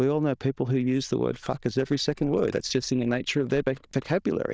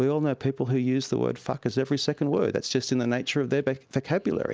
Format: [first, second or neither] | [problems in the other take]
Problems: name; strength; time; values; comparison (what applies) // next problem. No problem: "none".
second | noise reduction (neural diffusion model UNIVERSE++)